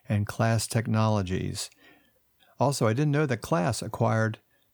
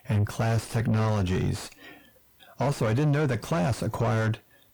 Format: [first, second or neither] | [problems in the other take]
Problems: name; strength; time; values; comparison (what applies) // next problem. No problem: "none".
first | distortion; heavy; 5 dB below the speech